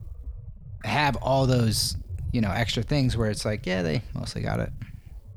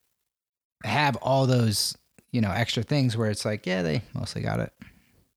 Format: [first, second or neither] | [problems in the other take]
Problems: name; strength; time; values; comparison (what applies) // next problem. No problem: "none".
second | low rumble; faint; throughout; 25 dB below the speech